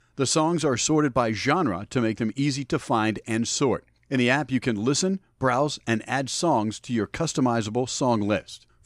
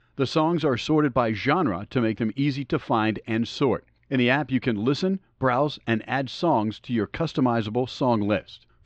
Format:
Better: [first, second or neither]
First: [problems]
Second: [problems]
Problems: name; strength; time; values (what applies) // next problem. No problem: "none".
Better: first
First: none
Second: muffled; slightly; fading above 3.5 kHz